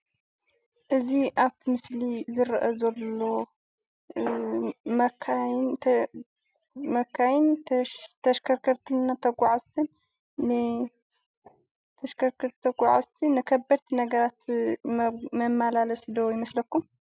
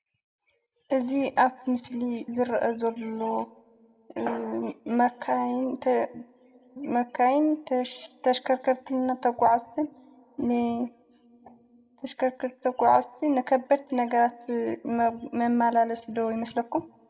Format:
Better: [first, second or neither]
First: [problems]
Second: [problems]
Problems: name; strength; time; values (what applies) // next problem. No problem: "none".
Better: first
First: none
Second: room echo; dies away in 0.7 s